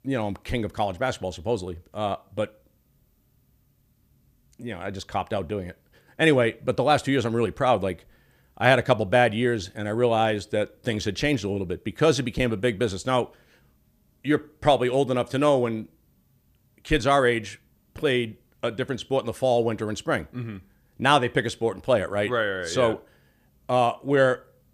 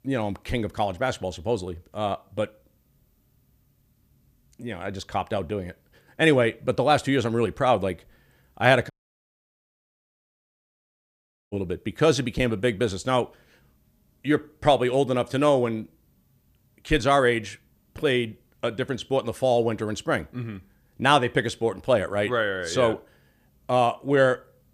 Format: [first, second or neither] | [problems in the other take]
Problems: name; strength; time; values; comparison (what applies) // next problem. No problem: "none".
first | audio cutting out; at 9 s for 2.5 s